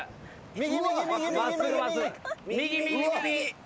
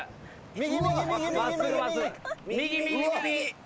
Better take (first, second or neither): first